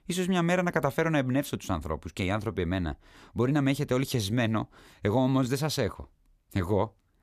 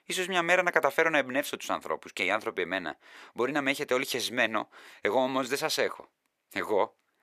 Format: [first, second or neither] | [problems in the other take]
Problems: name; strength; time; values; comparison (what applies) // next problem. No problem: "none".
first | thin; somewhat; fading below 500 Hz